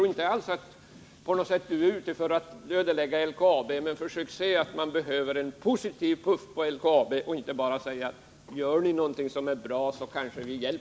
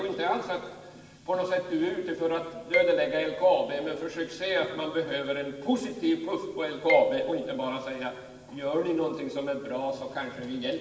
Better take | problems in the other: first | background sound (Marimba, xylophone); 6 dB below the speech // room echo; dies away in 1.2 s

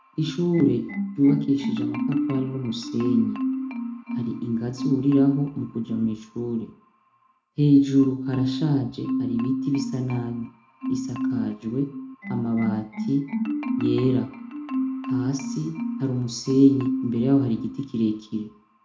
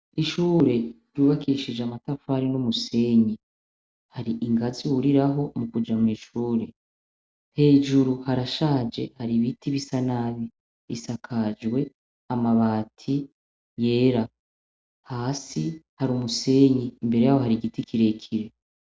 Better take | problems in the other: second | background sound (Marimba, xylophone); 5 dB below the speech // room echo; dies away in 0.3 s

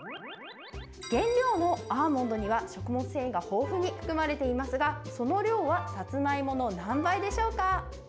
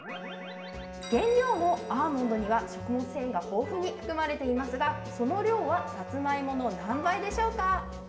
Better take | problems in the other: first | background sound (Wind instrument, woodwind instrument); 13 dB below the speech // room echo; dies away in 2.2 s

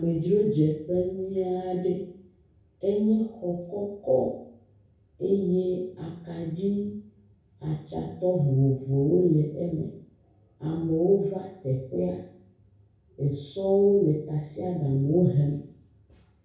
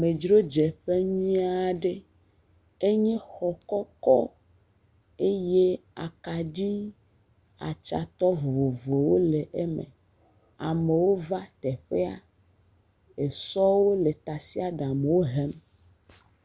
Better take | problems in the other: second | room echo; dies away in 0.6 s

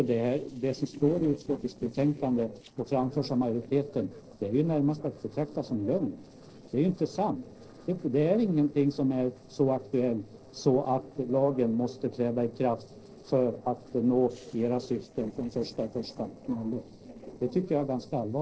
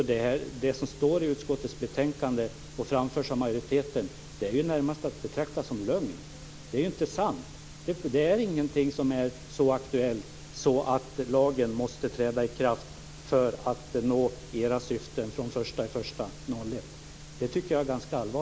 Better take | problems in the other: second | noise reduction (neural separator model SepFormer DNS4)

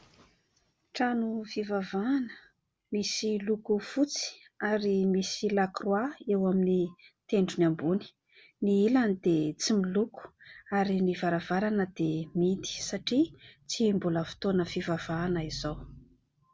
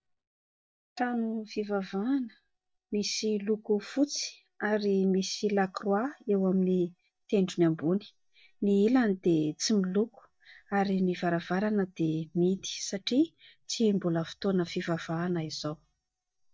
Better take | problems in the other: first | noise reduction (neural mask model DeepFilterNet 3)

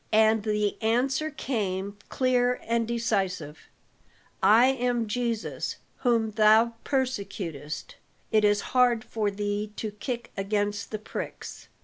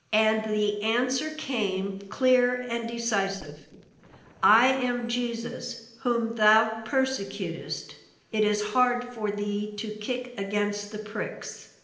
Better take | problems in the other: first | noise reduction (neural separator model SepFormer DNS4)

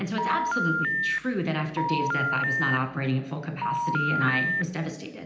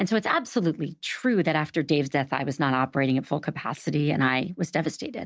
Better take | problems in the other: second | background sound (Telephone); 1 dB above the speech // room echo; dies away in 0.8 s

